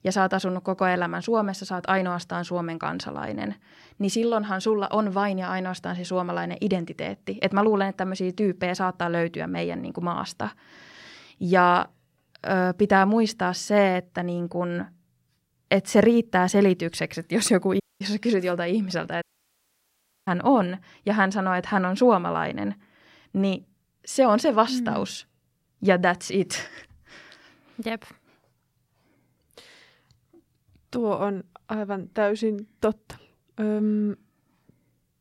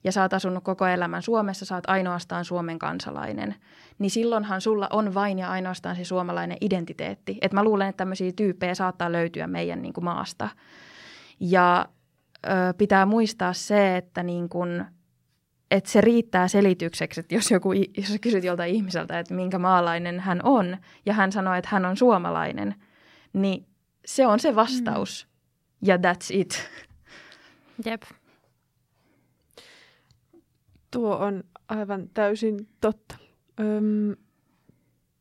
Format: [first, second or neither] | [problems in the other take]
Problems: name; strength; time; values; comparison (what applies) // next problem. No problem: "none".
second | audio cutting out; at 18 s and at 19 s for 1 s